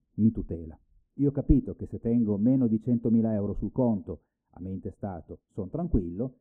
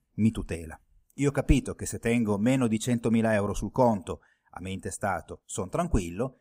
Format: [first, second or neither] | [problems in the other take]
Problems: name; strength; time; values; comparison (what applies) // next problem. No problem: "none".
second | muffled; very; fading above 1.5 kHz